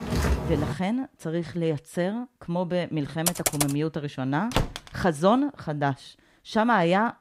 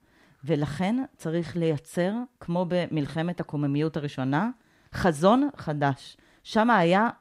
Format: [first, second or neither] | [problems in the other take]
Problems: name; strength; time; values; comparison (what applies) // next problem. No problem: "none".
second | footsteps; loud; at the start; peak 1 dB above the speech // keyboard typing; loud; at 3.5 s; peak 1 dB above the speech // door banging; noticeable; at 4.5 s; peak 2 dB below the speech